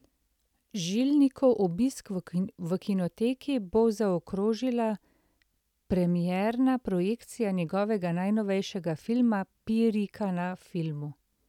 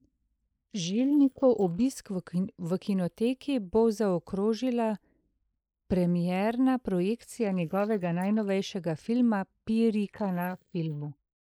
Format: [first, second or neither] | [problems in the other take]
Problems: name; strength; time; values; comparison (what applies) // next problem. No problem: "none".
first | noise reduction (neural mask model Resemble Enhance denoiser)